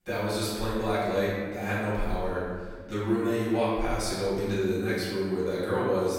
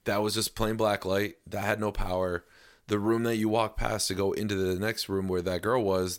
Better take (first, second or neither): second